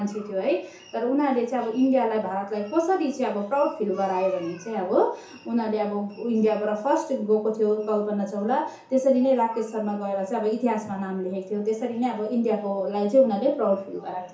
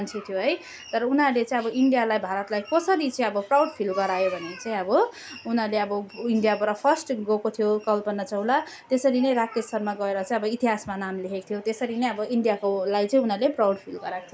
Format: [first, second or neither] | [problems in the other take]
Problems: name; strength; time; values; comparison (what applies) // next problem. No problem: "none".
second | room echo; dies away in 0.7 s